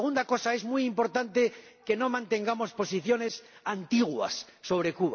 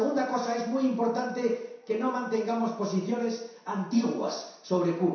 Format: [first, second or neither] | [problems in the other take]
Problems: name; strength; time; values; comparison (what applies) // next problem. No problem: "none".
first | room echo; dies away in 0.7 s